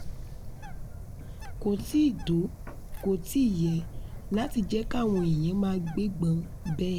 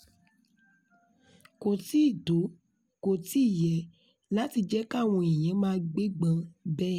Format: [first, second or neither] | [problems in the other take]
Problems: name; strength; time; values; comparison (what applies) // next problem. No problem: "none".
second | background sound (Bird); 8 dB below the speech